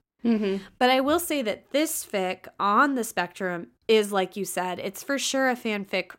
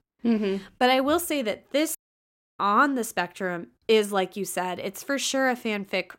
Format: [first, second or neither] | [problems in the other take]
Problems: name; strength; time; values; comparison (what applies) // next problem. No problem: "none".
first | audio cutting out; at 2 s for 0.5 s